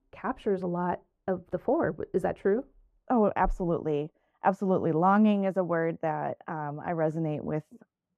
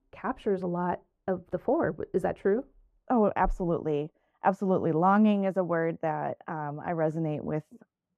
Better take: neither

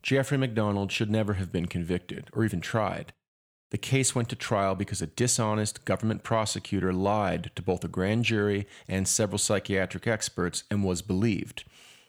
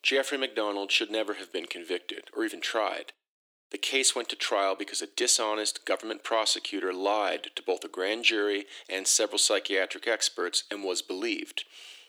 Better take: first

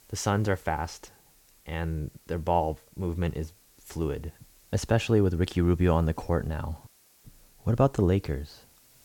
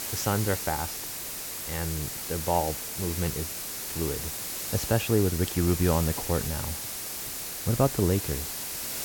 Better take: first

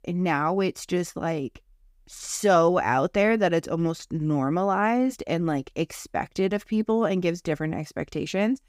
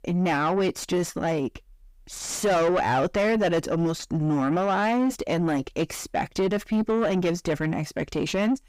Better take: first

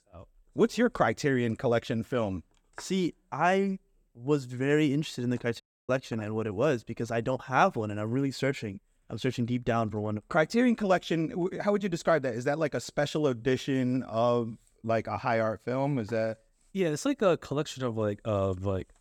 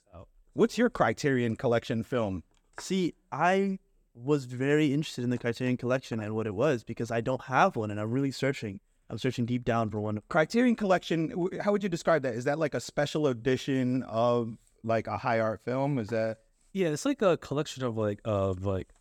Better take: second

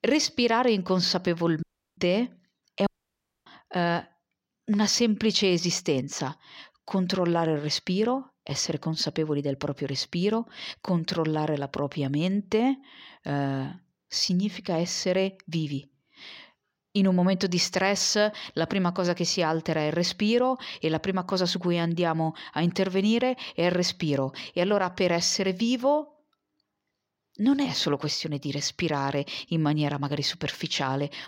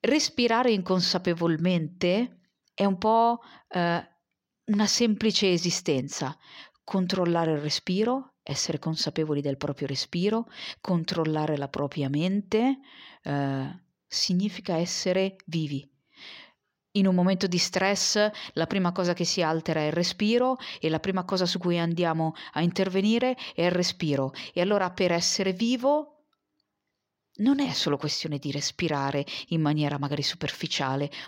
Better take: second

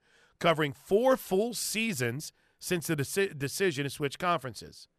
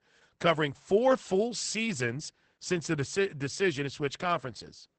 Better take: first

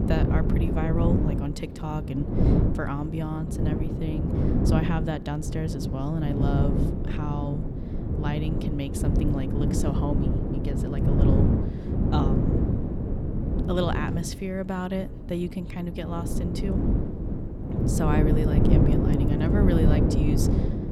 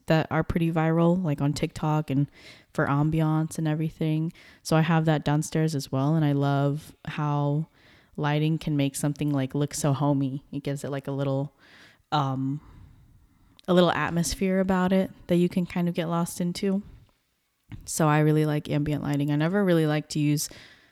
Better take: second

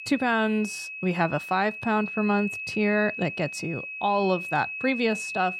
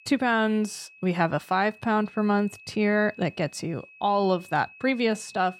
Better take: second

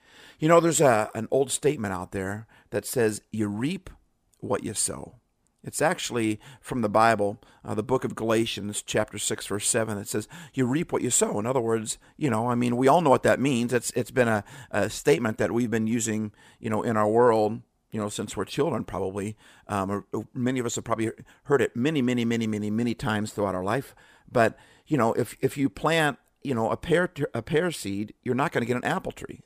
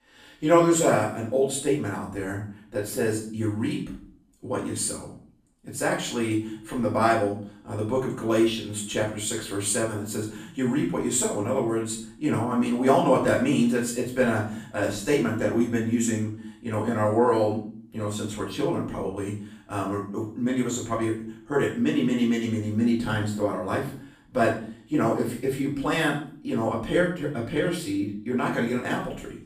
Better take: first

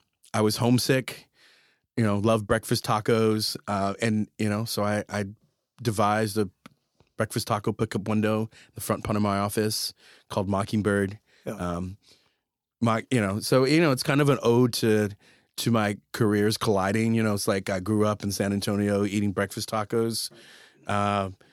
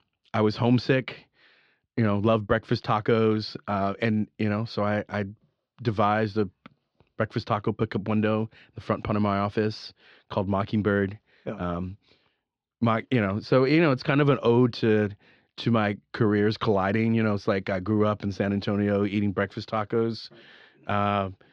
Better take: first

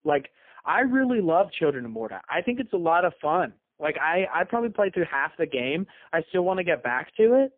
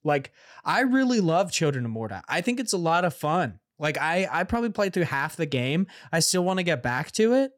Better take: second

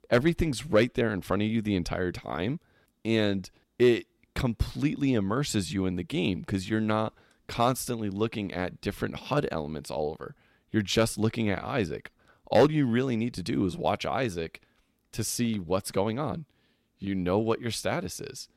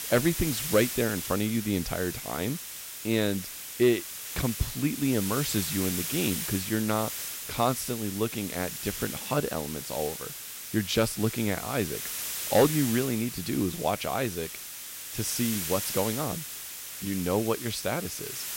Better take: first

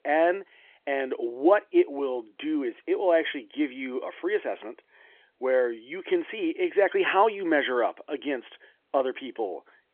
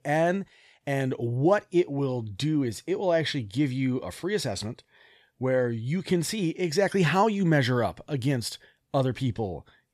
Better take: second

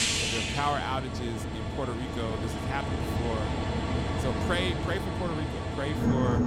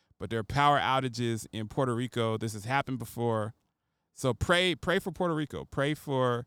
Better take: second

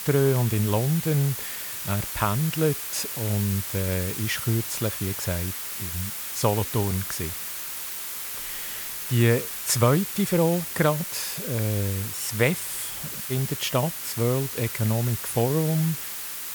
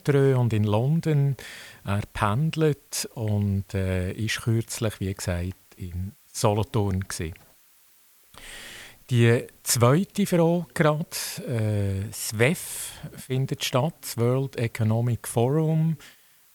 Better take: second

